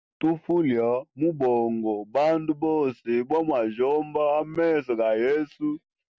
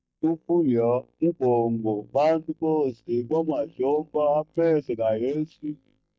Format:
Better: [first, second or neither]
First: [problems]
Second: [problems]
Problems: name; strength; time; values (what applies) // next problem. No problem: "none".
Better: first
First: none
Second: noise reduction (neural mask model DeepFilterNet 3)